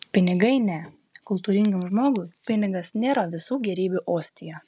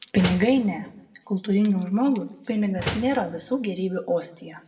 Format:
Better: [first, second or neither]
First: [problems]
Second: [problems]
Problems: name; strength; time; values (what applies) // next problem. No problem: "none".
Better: first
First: none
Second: background sound (Slam); 10 dB below the speech // room echo; dies away in 0.7 s